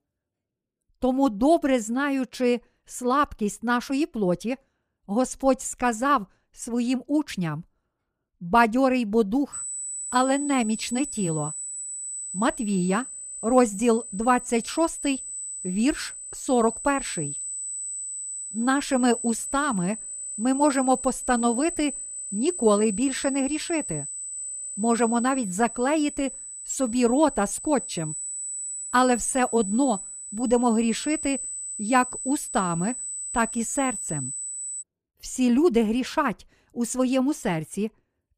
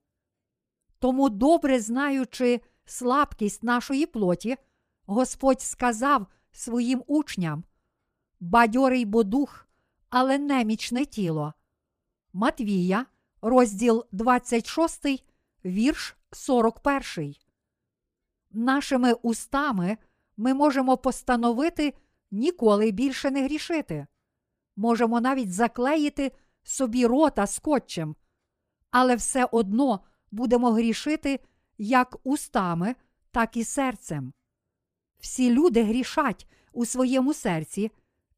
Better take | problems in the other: second | high-pitched whine; loud; from 9.5 to 35 s; 8 kHz, 7 dB below the speech

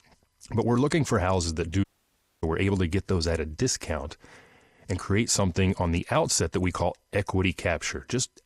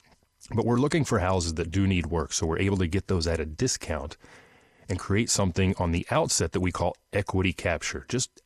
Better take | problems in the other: second | audio cutting out; at 2 s for 0.5 s

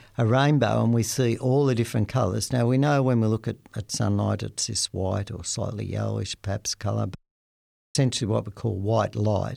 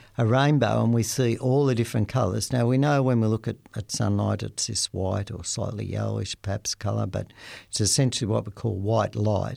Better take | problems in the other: second | audio cutting out; at 7 s for 1 s

